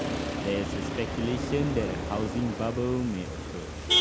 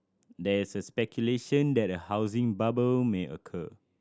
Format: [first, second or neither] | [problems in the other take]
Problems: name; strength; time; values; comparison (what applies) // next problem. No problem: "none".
second | background sound (Motor vehicle (road)); as loud as the speech